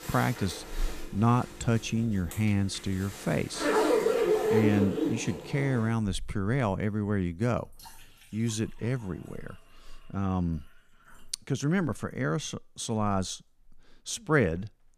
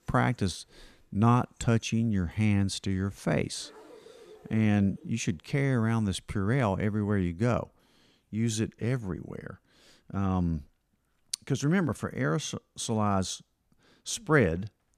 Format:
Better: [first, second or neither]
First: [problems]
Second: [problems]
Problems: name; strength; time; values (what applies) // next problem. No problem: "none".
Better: second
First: household noises; loud; throughout; 1 dB below the speech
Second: household noises; faint; throughout; 30 dB below the speech